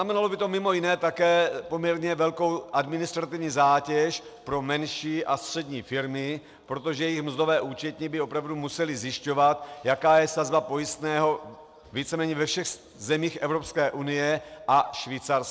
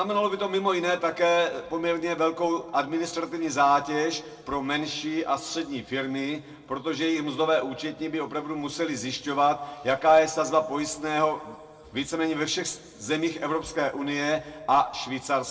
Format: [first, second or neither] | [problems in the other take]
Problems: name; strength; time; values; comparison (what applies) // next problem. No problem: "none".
first | room echo; dies away in 1 s